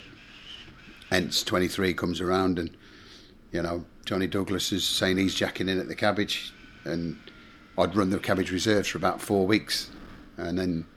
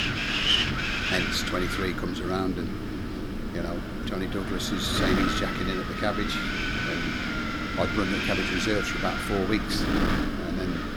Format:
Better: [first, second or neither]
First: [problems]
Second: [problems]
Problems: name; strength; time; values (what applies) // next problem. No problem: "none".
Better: first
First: wind noise on the microphone; occasional gusts; 20 dB below the speech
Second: wind noise on the microphone; heavy; 3 dB above the speech